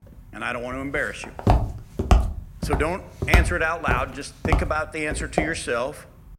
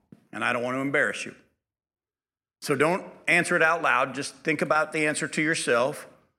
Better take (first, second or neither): second